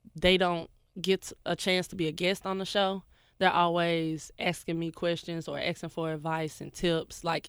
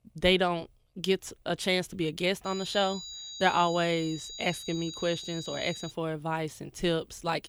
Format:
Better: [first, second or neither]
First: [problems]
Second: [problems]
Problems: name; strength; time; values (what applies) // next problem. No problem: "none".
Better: first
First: none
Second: high-pitched whine; noticeable; from 2.5 to 6 s; 4 kHz, 10 dB below the speech